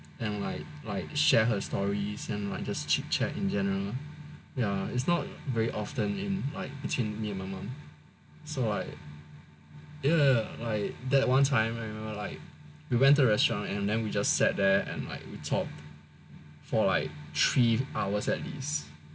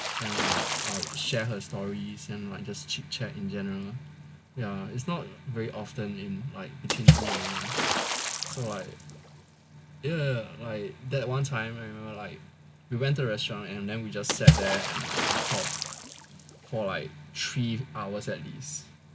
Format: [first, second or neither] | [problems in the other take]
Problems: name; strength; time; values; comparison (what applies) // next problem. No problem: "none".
first | background sound (Water / Splash, splatter); 2 dB above the speech